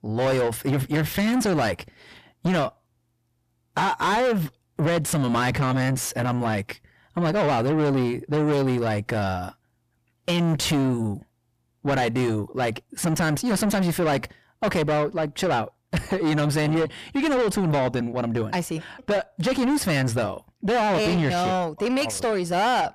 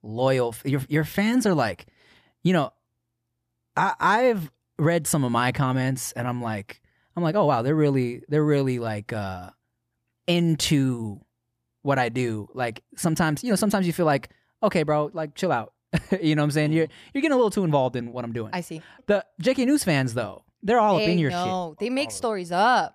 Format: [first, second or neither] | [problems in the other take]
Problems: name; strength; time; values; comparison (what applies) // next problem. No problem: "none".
second | distortion; heavy; 6 dB below the speech